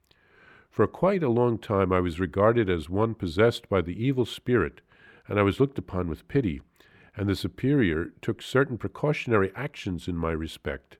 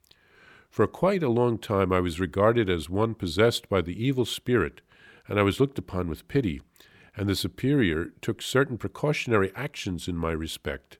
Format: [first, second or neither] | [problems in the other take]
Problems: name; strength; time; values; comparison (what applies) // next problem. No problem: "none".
second | muffled; very slightly; fading above 3 kHz